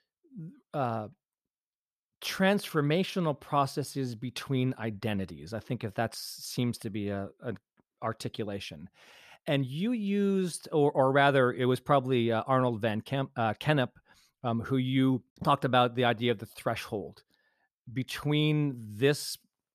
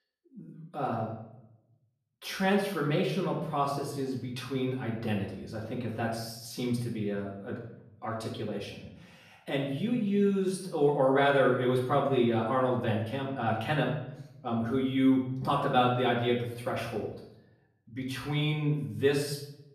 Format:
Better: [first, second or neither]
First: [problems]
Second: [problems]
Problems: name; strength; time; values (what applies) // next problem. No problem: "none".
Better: first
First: none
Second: off-mic speech; far // room echo; noticeable; dies away in 0.6 s